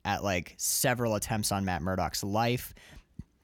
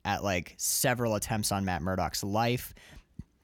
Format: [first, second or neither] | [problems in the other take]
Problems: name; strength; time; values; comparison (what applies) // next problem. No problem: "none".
neither | none